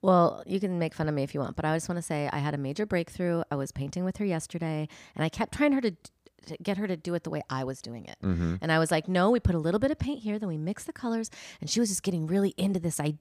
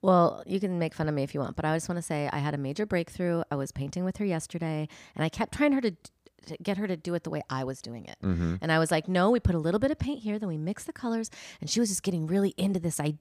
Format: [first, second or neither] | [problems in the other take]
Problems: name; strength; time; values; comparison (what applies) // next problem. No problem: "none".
neither | none